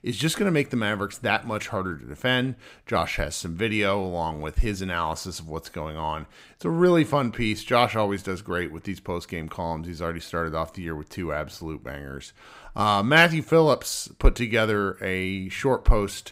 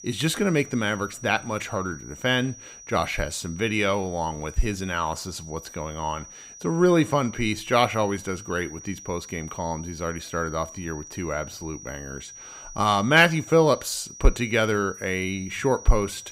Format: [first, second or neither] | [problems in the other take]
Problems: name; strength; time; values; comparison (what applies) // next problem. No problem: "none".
first | high-pitched whine; noticeable; throughout; 6 kHz, 15 dB below the speech